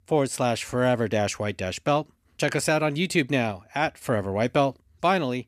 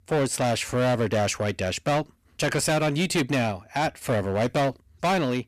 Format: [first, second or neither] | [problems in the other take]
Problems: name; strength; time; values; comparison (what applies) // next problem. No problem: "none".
first | distortion; heavy; 15% of the sound clipped